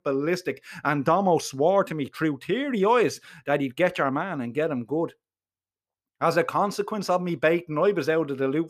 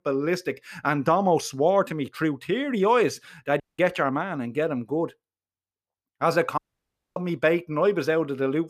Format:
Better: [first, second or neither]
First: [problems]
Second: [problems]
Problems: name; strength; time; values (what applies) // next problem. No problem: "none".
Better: first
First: none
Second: audio cutting out; at 3.5 s and at 6.5 s for 0.5 s